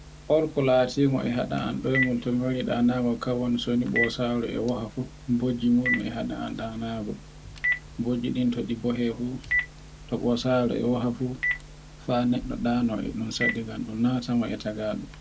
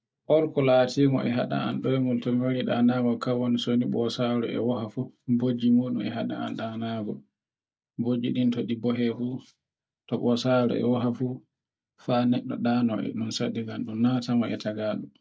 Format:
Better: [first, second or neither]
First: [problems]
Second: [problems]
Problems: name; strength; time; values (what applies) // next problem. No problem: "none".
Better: second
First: background sound (Telephone); 9 dB below the speech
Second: none